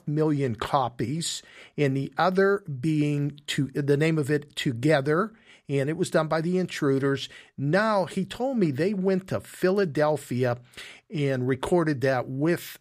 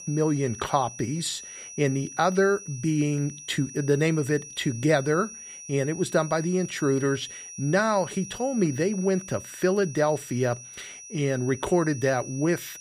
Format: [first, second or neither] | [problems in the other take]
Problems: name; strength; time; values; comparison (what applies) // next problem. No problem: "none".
first | high-pitched whine; noticeable; throughout; 6 kHz, 15 dB below the speech